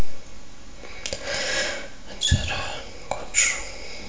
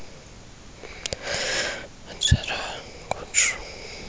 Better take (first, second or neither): second